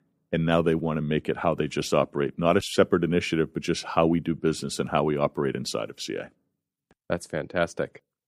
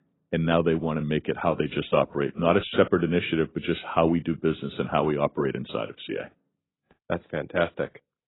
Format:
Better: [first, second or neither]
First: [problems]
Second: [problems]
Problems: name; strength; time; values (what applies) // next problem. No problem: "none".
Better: first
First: none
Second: garbled, watery; badly; nothing above 4 kHz